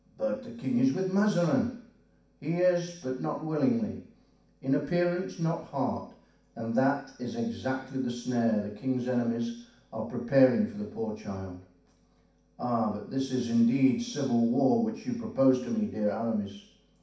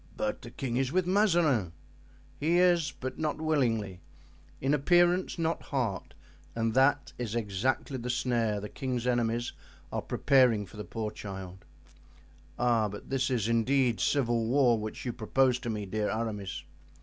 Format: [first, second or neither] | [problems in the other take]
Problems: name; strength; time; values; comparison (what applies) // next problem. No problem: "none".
second | room echo; dies away in 0.6 s